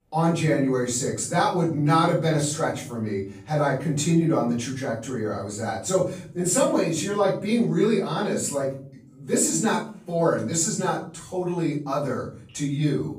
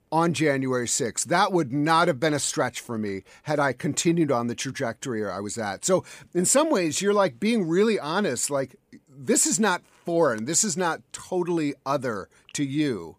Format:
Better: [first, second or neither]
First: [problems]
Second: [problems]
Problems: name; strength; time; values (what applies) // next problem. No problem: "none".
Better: second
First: off-mic speech; far // room echo; noticeable; dies away in 0.6 s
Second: none